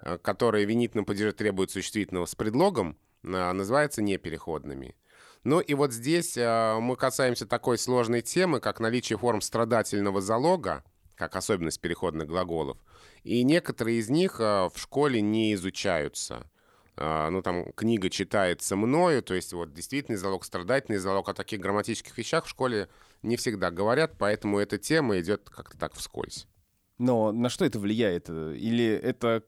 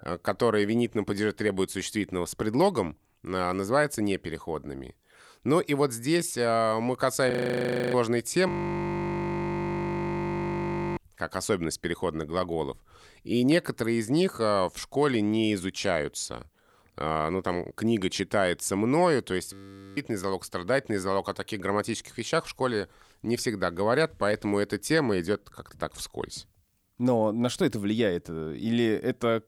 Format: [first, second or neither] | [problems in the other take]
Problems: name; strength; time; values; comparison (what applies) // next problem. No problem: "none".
first | audio freezing; at 7.5 s for 0.5 s, at 8.5 s for 2.5 s and at 20 s